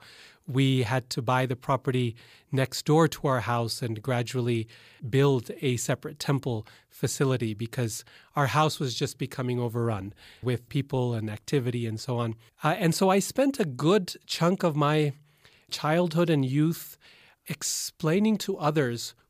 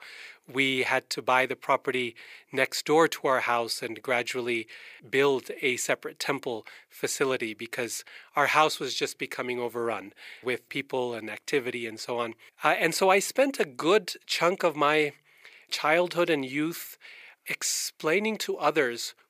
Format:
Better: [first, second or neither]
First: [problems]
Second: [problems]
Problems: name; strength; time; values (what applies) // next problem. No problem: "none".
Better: first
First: none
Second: thin; somewhat; fading below 450 Hz